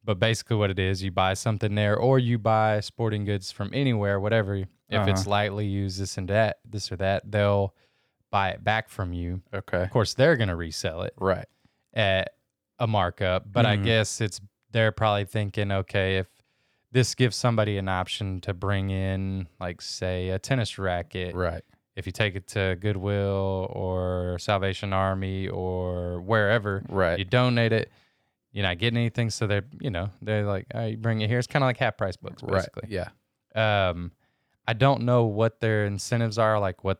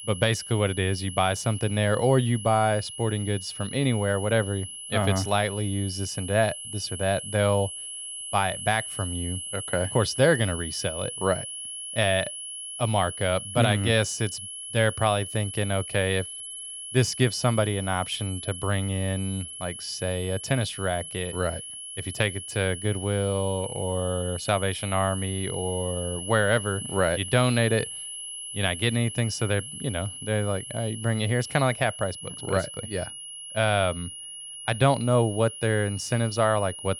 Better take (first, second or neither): first